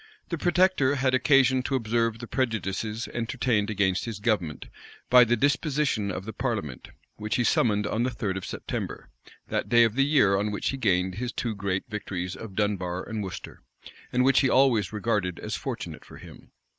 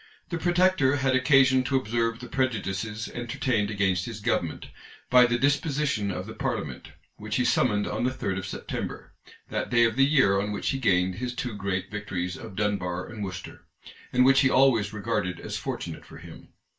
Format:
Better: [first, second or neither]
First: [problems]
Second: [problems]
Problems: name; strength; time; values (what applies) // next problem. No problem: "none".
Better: first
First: none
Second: room echo; dies away in 0.2 s